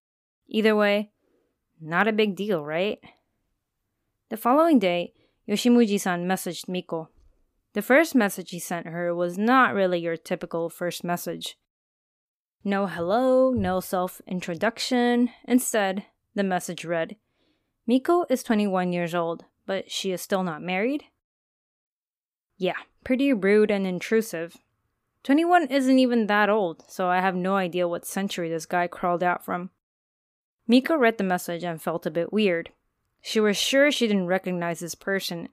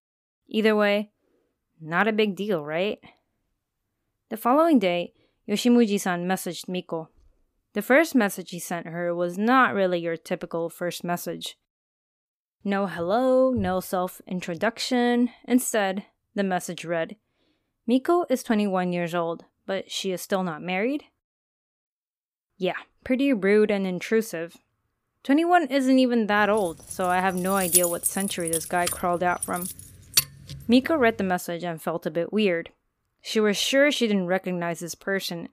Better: first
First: none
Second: jangling keys; loud; from 27 to 30 s; peak 4 dB above the speech

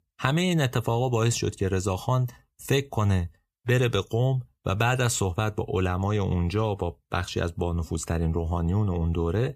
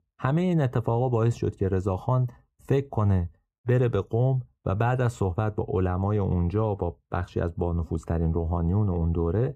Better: first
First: none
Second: muffled; very; fading above 2 kHz

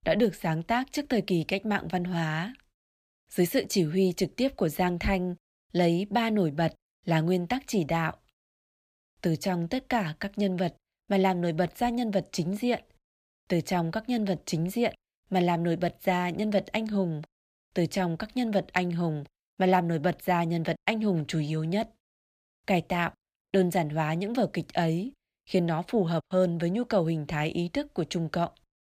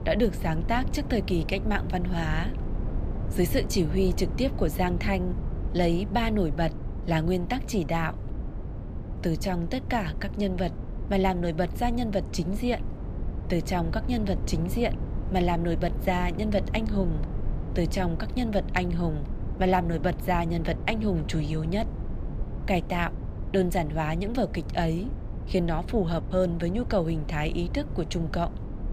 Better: first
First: none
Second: low rumble; noticeable; throughout; 15 dB below the speech

